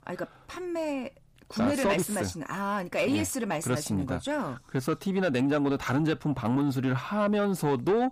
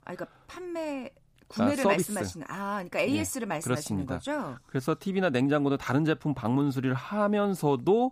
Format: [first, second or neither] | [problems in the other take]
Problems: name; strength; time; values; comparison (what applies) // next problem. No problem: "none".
second | distortion; slight; 10 dB below the speech